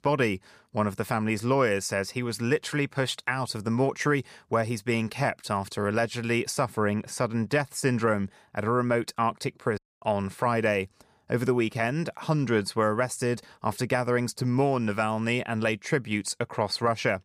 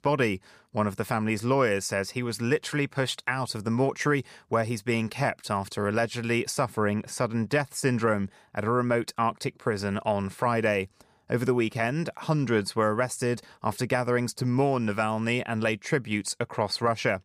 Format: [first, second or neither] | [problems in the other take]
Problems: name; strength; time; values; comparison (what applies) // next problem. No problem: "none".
second | audio cutting out; at 10 s